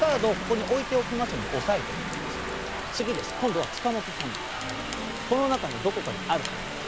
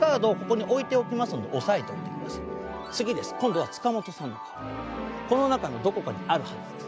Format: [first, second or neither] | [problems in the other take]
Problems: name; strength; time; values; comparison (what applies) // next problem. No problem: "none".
second | background sound (Rain); 6 dB below the speech